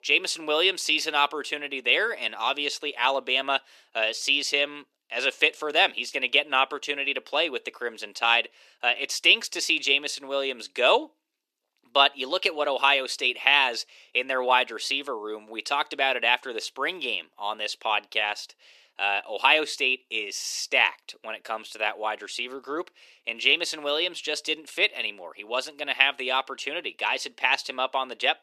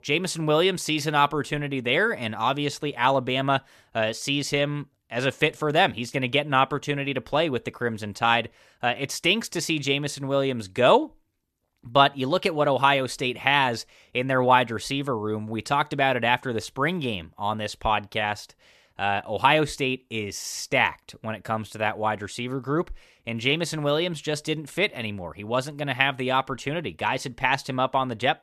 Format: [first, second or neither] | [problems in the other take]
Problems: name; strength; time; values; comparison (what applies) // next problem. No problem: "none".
second | thin; somewhat; fading below 350 Hz